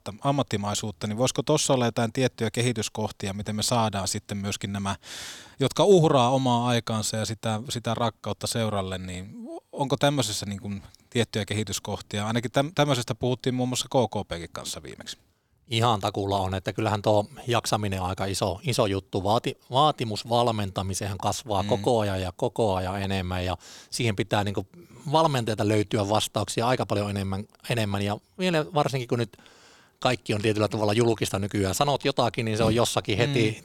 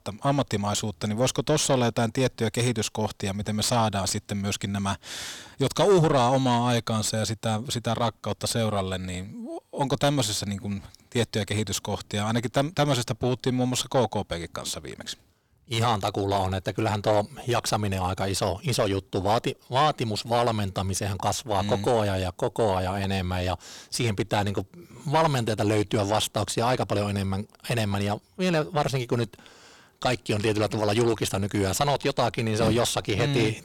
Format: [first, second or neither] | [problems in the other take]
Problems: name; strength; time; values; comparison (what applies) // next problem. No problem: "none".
first | distortion; slight; 10 dB below the speech